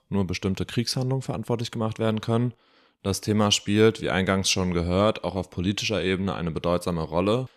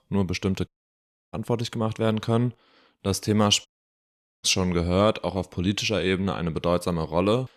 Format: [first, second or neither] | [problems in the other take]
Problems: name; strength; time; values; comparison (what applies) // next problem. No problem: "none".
first | audio cutting out; at 0.5 s for 0.5 s and at 3.5 s for 1 s